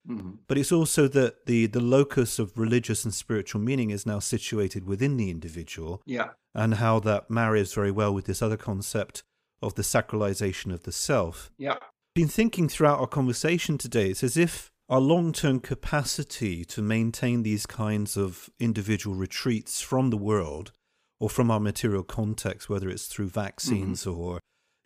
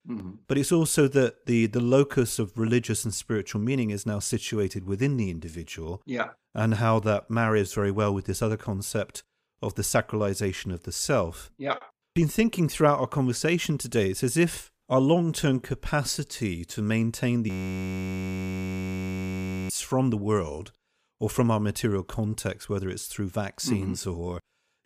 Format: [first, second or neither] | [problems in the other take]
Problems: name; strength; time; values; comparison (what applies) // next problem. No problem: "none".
first | audio freezing; at 17 s for 2 s